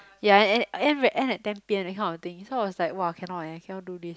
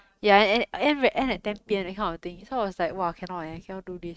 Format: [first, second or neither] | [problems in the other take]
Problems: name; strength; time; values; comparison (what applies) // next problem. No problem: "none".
first | noise reduction (neural mask model RNNoise)